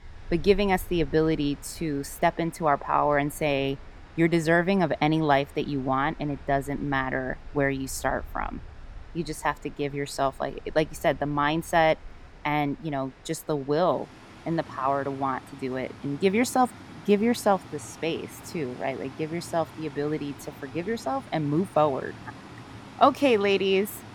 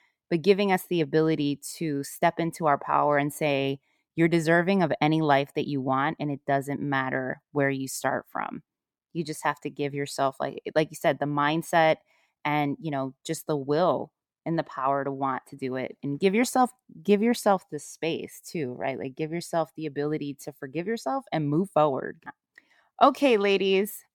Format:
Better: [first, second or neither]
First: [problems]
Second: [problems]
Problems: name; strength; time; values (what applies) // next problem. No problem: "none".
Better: second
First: rain or running water; noticeable; throughout; 20 dB below the speech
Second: none